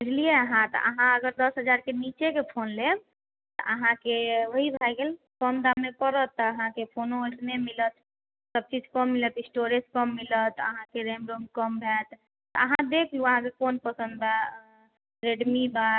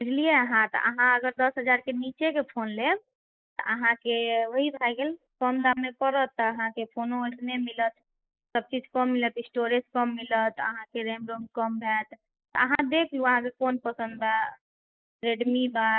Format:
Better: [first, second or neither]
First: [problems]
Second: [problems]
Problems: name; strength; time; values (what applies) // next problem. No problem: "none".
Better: first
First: none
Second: noise reduction (neural mask model Resemble Enhance denoiser)